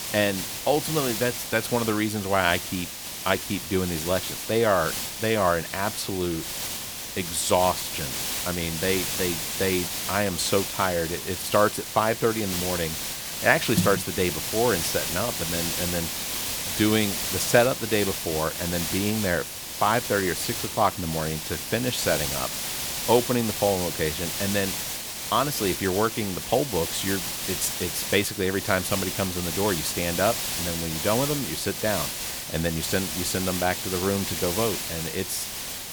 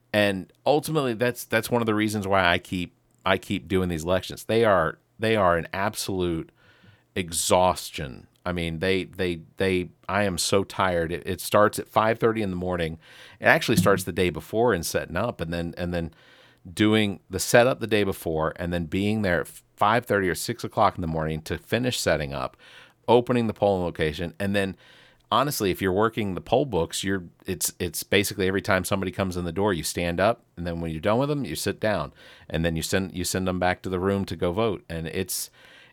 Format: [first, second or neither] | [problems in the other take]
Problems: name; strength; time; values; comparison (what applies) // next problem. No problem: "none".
second | hiss; loud; throughout; 3 dB below the speech